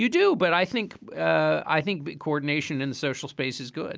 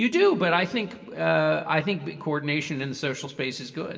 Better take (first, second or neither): first